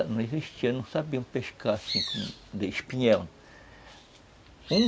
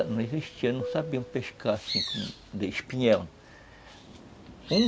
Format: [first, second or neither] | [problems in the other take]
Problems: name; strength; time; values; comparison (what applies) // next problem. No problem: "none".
first | background sound (Fixed-wing aircraft, airplane); 15 dB below the speech